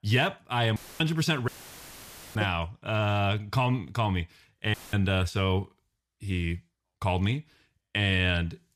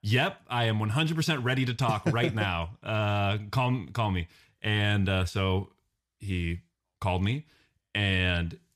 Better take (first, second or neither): second